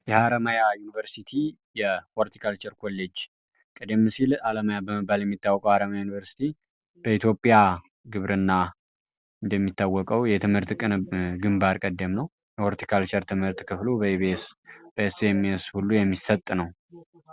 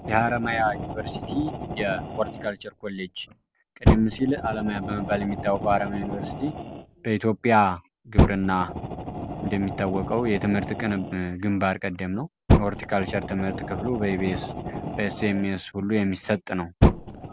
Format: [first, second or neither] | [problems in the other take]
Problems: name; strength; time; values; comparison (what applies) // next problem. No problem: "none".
first | background sound (Fire); 2 dB below the speech